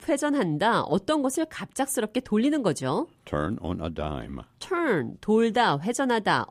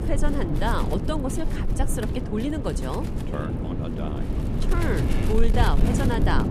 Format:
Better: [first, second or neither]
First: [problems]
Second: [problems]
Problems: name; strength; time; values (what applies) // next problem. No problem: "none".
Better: first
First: none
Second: wind noise on the microphone; heavy; 4 dB below the speech